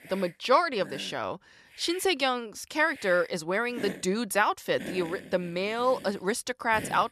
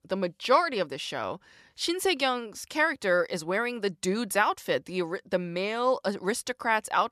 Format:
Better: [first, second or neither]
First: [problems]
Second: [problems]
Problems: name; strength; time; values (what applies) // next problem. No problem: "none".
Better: second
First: hiss; noticeable; throughout; 15 dB below the speech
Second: none